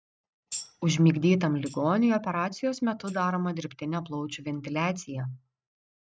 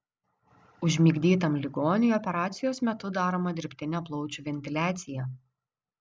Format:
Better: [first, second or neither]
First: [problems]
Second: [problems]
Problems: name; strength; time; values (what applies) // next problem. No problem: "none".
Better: second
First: noise reduction (neural mask model RNNoise)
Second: none